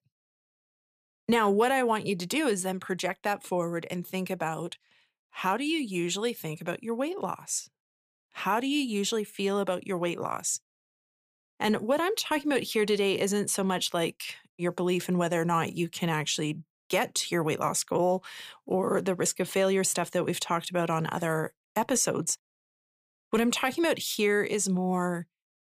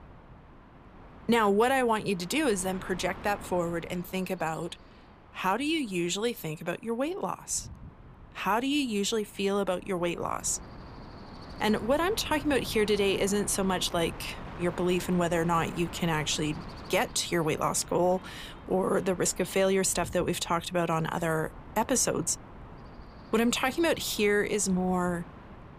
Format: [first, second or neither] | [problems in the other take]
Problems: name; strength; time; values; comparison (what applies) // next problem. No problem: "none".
first | wind noise on the microphone; occasional gusts; 20 dB below the speech